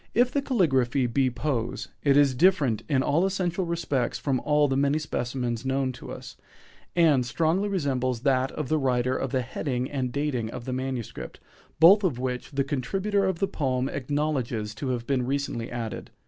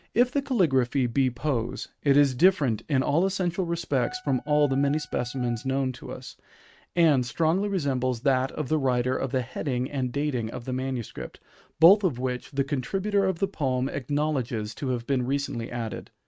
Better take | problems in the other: first | noise reduction (neural mask model RNNoise)

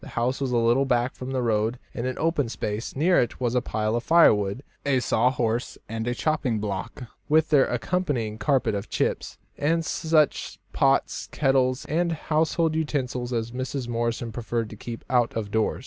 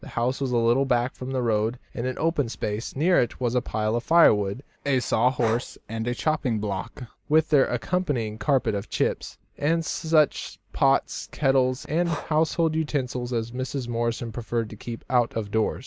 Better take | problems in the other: first | noise reduction (neural mask model Resemble Enhance denoiser)

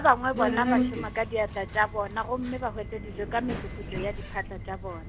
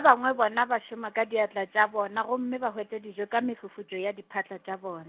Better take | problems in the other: second | background sound (Subway, metro, underground); 4 dB below the speech

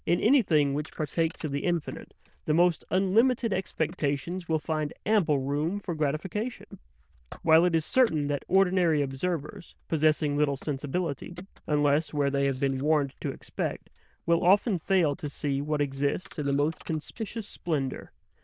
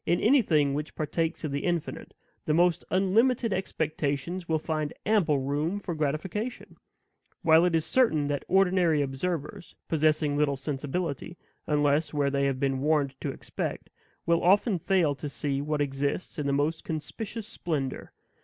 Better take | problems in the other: second | noise reduction (neural diffusion model UNIVERSE++)

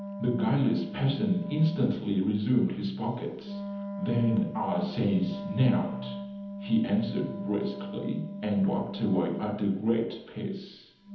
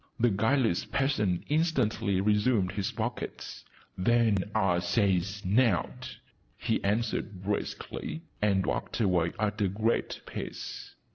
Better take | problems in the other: second | background sound (Wind instrument, woodwind instrument); 10 dB below the speech // room echo; dies away in 1.3 s

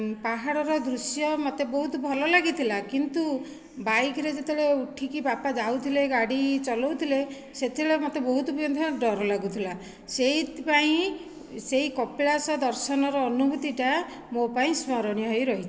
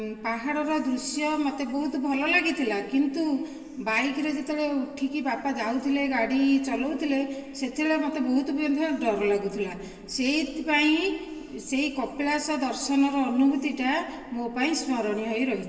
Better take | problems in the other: first | room echo; dies away in 1.9 s

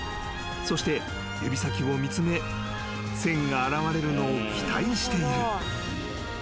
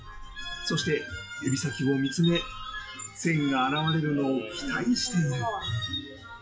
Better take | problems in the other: first | noise reduction (classical method WPE with log-MMSE)

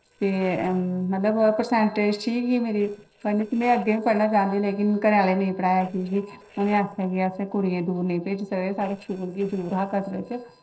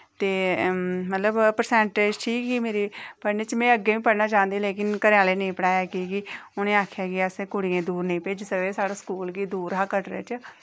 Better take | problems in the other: second | noise reduction (neural separator model SepFormer DNS4)

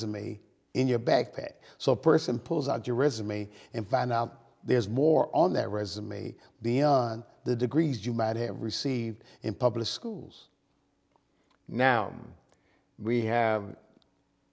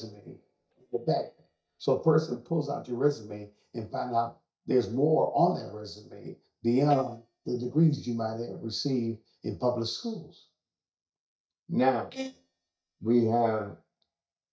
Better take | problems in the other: first | noise reduction (neural mask model DeepFilterNet 3)

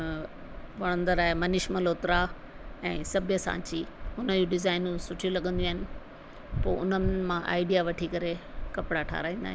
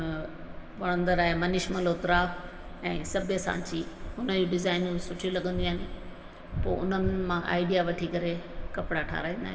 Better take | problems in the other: first | room echo; dies away in 1.9 s

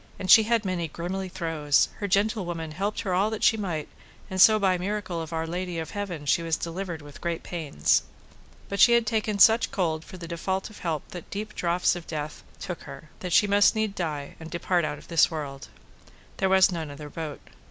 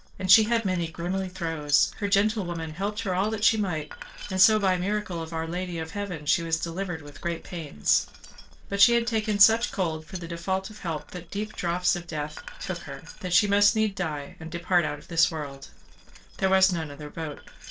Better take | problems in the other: first | noise reduction (neural separator model SepFormer DNS4)

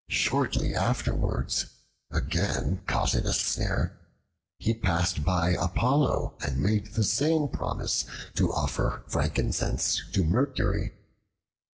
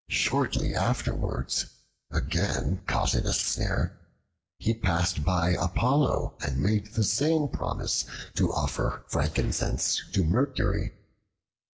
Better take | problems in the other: first | noise reduction (neural mask model Resemble Enhance denoiser)

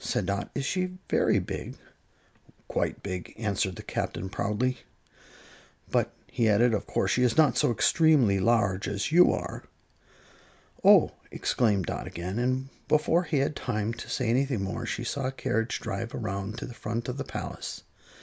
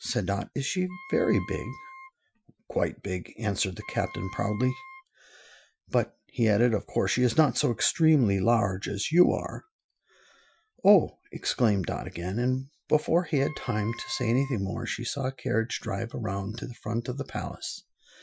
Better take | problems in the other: first | noise reduction (classical method Wiener filter)

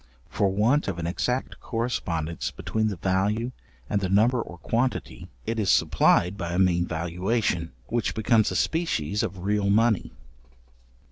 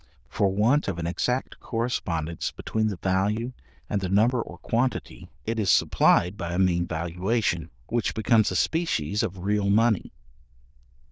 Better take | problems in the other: first | noise reduction (neural diffusion model UNIVERSE++)

